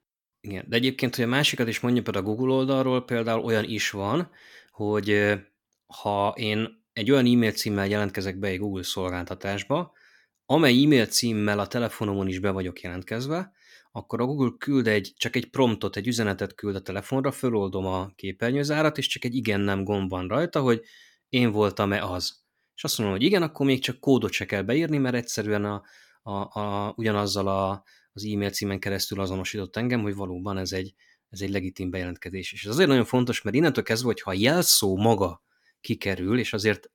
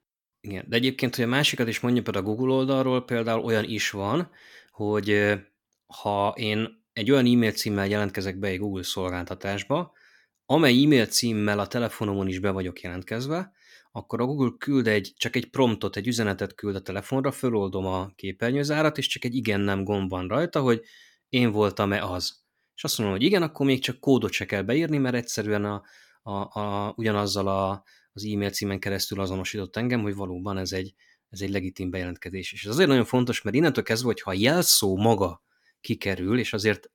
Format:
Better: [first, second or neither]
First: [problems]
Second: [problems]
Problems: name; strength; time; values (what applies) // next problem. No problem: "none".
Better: neither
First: none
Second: none